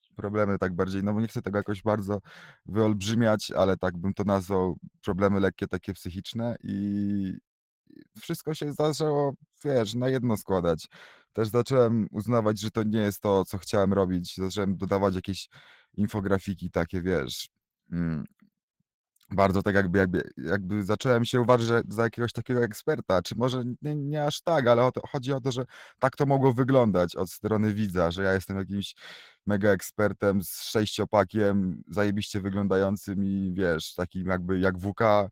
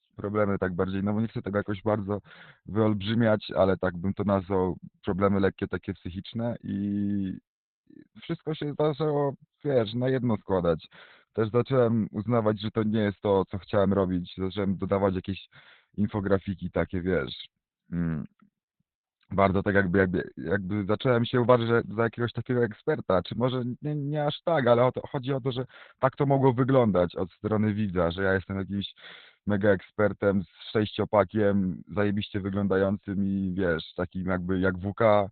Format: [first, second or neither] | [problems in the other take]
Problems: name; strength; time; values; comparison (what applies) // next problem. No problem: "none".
first | garbled, watery; badly; nothing above 4 kHz; slightly in the first